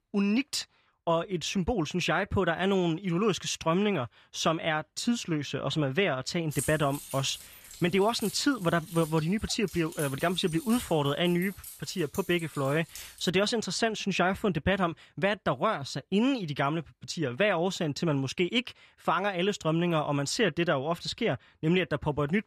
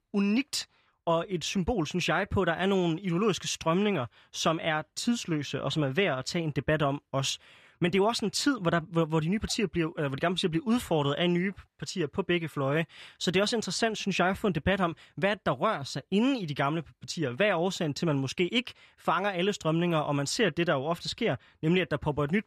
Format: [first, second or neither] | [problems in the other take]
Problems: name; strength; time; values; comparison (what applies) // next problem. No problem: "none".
second | jangling keys; noticeable; from 6.5 to 13 s; peak 7 dB below the speech